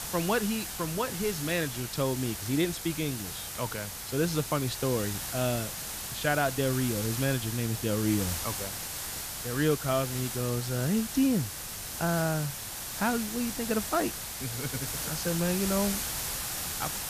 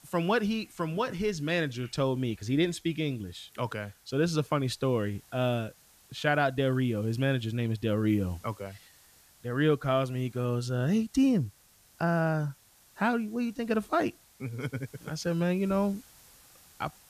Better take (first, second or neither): second